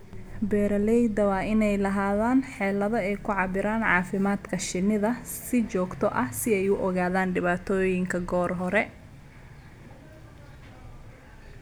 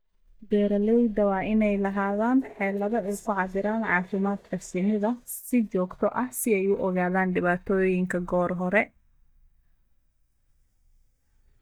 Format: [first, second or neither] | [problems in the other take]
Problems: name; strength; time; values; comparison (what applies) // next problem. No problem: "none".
first | noise reduction (neural mask model DeepFilterNet 3)